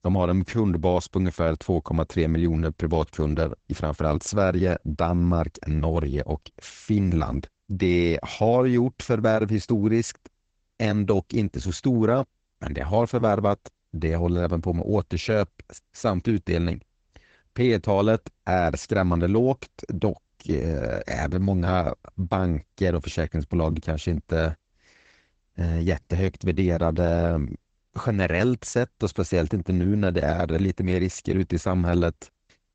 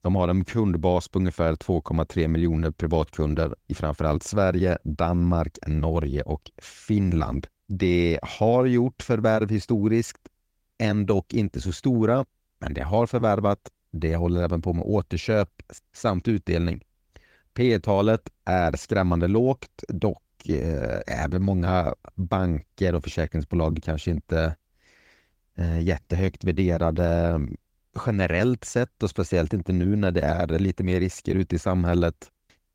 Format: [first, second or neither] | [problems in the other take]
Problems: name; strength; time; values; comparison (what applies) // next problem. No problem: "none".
second | garbled, watery; badly; nothing above 7.5 kHz; slightly in the second